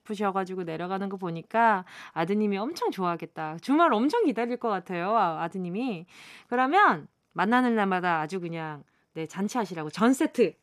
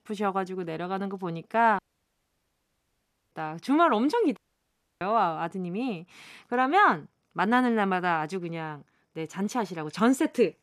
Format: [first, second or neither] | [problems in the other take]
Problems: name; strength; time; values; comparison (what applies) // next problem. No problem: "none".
first | audio cutting out; at 2 s for 1.5 s and at 4.5 s for 0.5 s